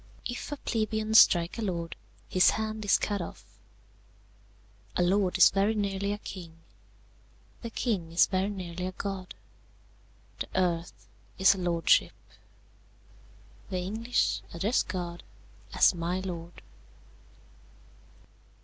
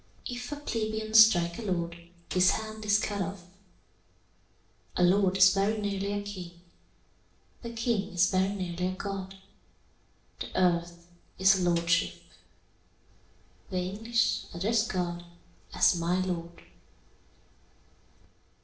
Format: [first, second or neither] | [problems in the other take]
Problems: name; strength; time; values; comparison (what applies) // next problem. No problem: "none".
first | background sound (Snare drum); 16 dB below the speech // room echo; dies away in 0.5 s